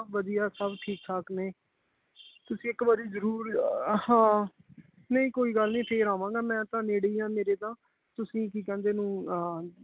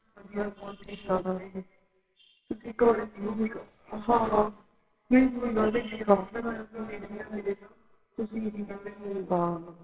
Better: first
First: none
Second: noise reduction (neural separator model SepFormer WHAMR!)

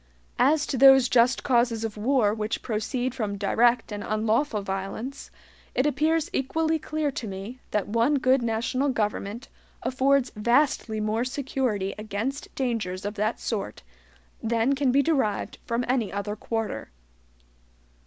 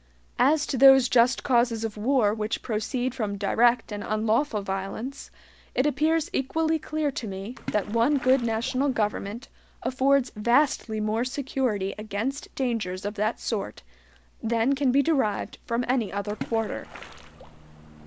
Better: first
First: none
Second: background sound (Splash, splatter); 15 dB below the speech

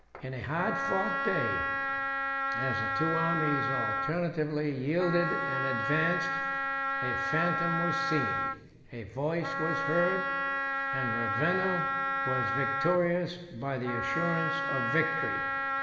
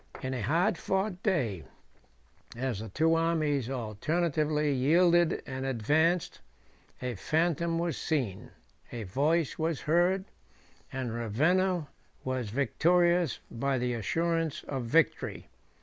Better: second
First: background sound (Wind instrument, woodwind instrument); 1 dB above the speech // room echo; dies away in 1.7 s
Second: none

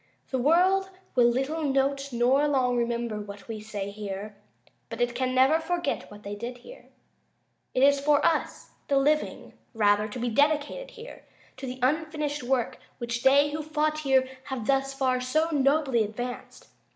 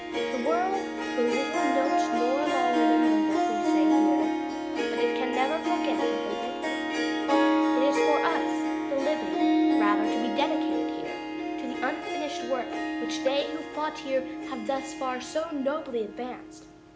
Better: first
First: none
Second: background sound (Harp); 5 dB above the speech

